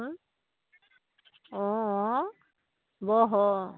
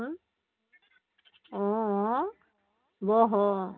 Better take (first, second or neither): first